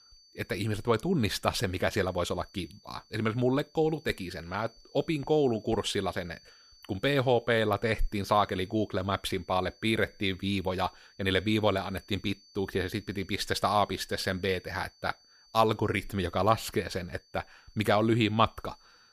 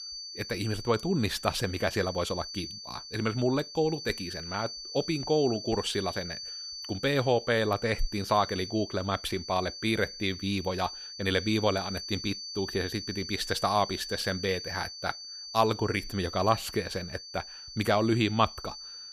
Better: first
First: high-pitched whine; faint; throughout; 4.5 kHz, 30 dB below the speech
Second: high-pitched whine; loud; throughout; 4.5 kHz, 9 dB below the speech

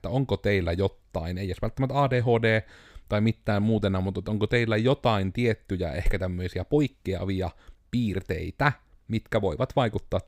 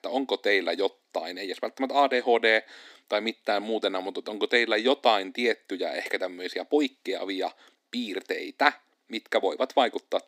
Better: first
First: none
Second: thin; somewhat; fading below 250 Hz

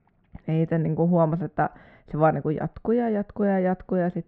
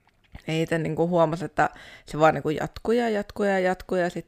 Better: second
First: muffled; very; fading above 1.5 kHz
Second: none

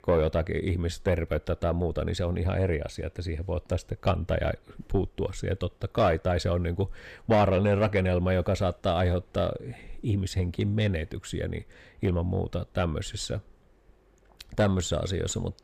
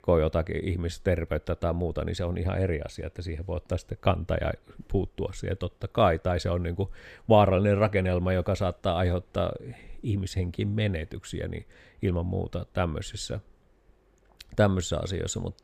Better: second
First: distortion; slight; 10 dB below the speech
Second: none

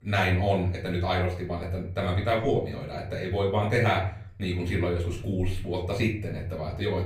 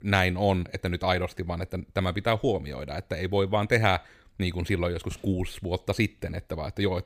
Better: second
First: off-mic speech; far // room echo; slight; dies away in 0.5 s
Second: none

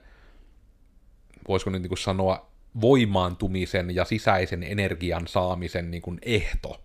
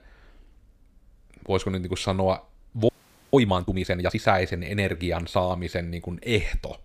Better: first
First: none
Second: audio freezing; at 3 s

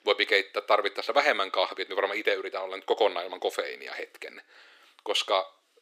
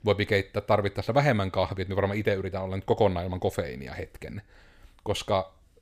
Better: second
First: thin; very; fading below 350 Hz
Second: none

